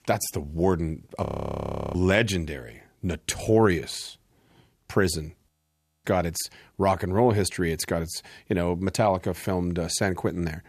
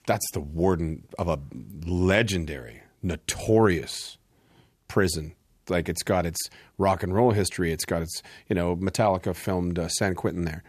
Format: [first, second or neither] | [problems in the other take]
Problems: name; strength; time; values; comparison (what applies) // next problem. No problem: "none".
second | audio freezing; at 1.5 s for 0.5 s and at 5.5 s for 0.5 s